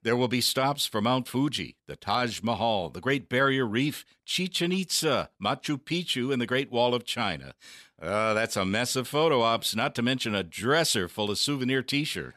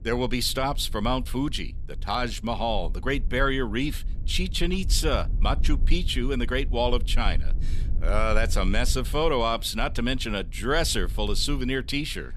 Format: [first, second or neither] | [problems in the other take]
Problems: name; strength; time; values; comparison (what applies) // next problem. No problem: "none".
first | low rumble; faint; throughout; 25 dB below the speech